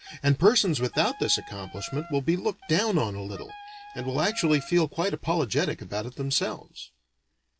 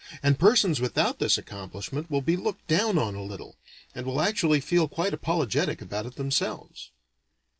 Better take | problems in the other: second | background sound (Wind instrument, woodwind instrument); 19 dB below the speech

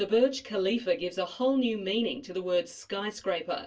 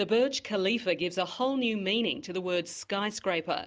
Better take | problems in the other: second | room echo; dies away in 0.1 s

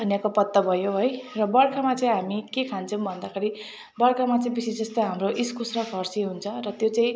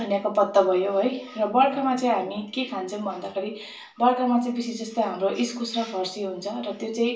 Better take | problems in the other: first | room echo; dies away in 0.3 s

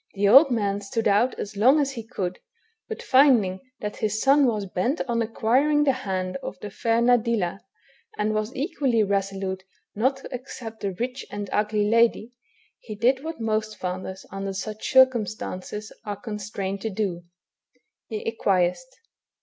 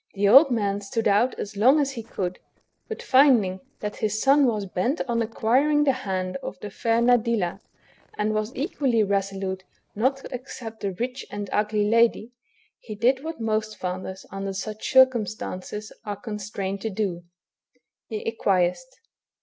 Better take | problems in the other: first | noise reduction (neural separator model SepFormer DNS4)

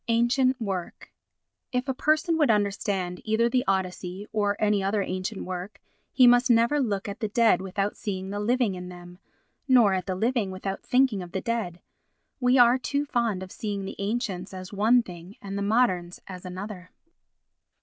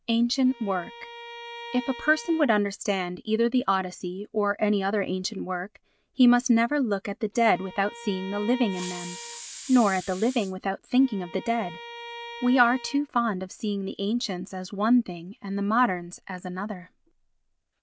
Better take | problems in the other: first | background sound (Bowed string instrument + Hiss); 15 dB below the speech

